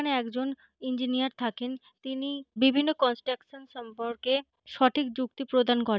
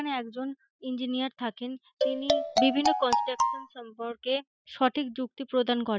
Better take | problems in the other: first | noise reduction (classical method Wiener filter)

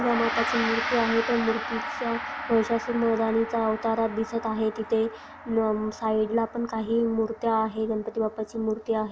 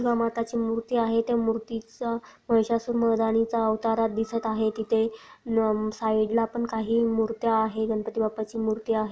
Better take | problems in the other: second | background sound (Gong); 8 dB below the speech

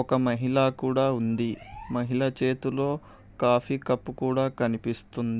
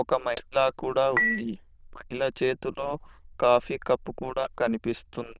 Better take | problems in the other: first | noise reduction (neural diffusion model UNIVERSE++)

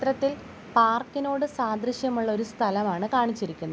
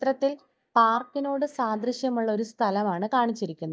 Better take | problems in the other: first | noise reduction (neural mask model DeepFilterNet 3)

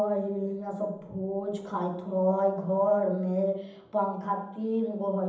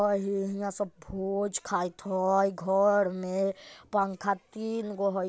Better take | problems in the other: second | room echo; dies away in 0.8 s

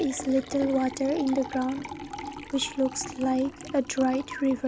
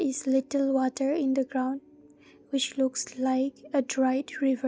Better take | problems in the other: second | background sound (Liquid); 12 dB below the speech

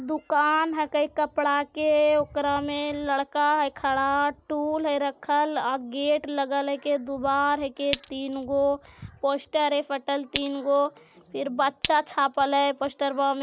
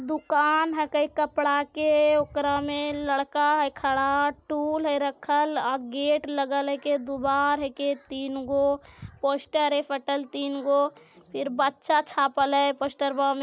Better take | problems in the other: second | background sound (Glass); 13 dB below the speech

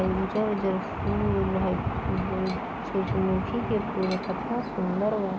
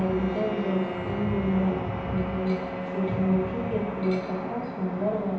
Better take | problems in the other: first | background sound (Bowed string instrument); 10 dB below the speech // room echo; dies away in 0.9 s

